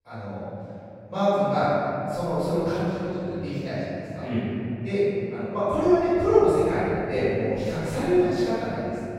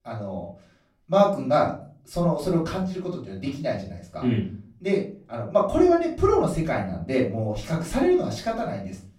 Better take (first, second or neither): second